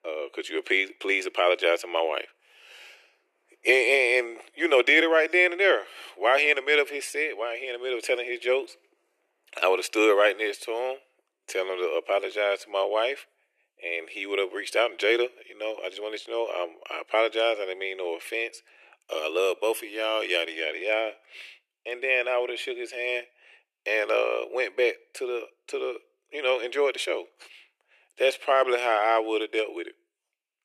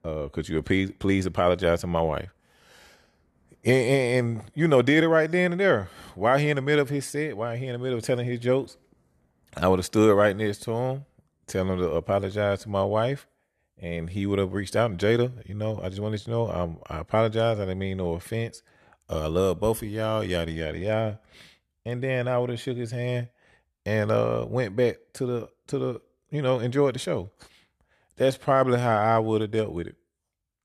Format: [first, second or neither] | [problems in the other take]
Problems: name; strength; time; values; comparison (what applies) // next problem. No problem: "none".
second | thin; very; fading below 350 Hz